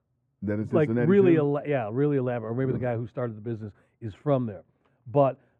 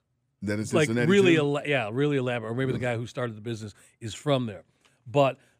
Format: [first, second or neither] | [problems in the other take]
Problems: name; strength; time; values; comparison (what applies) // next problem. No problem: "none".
second | muffled; very; fading above 2.5 kHz